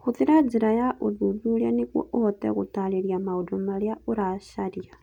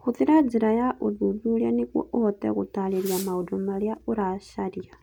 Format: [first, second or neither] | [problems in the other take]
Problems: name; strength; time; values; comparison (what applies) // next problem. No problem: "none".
first | background sound (Fireworks); 19 dB below the speech